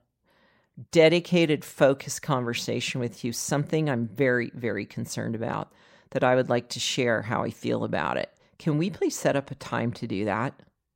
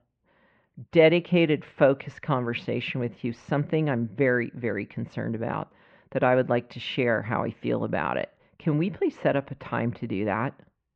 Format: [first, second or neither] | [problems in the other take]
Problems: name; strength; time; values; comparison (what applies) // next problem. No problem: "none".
first | muffled; very; fading above 2.5 kHz